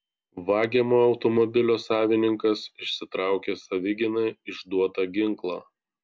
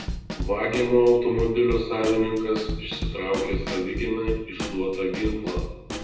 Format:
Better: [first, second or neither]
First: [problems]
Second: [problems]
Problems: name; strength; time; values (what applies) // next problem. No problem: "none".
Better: first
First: none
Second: background sound (Snare drum / Drum kit); 7 dB below the speech // room echo; dies away in 0.9 s